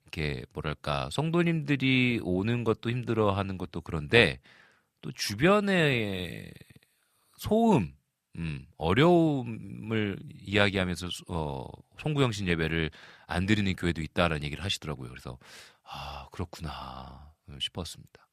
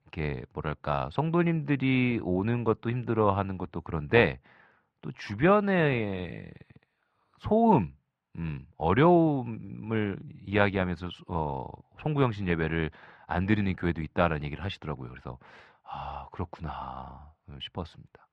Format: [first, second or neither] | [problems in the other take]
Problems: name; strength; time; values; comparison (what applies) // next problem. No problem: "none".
first | muffled; very; fading above 2 kHz